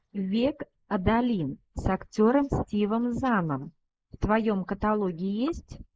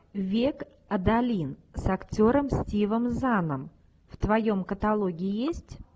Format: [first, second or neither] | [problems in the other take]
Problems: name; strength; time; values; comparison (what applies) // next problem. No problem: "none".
second | noise reduction (neural mask model Resemble Enhance denoiser)